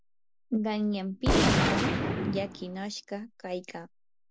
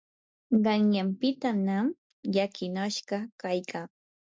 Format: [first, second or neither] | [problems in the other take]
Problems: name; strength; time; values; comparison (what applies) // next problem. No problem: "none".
second | background sound (Gunshot, gunfire); 3 dB above the speech